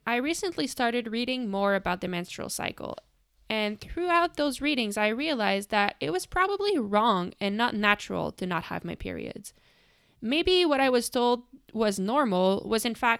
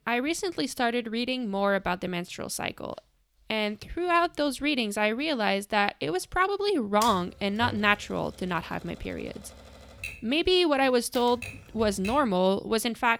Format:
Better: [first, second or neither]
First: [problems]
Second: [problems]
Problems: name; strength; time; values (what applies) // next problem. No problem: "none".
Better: first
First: none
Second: keyboard typing; noticeable; from 7 to 12 s; peak 9 dB below the speech